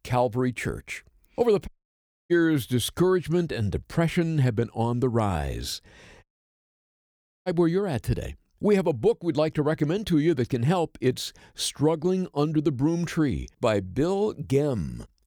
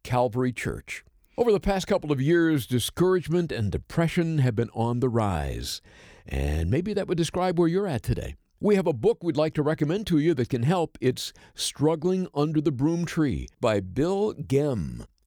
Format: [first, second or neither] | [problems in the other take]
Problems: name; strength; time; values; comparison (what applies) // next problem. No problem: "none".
second | audio cutting out; at 1.5 s for 0.5 s and at 6 s for 1 s